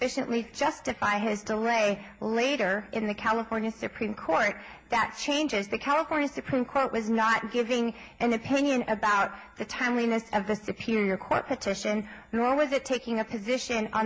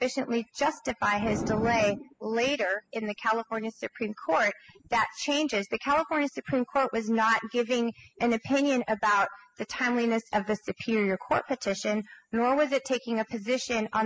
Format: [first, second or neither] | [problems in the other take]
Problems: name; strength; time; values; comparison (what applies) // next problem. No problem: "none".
first | noise reduction (classical method spectral subtraction)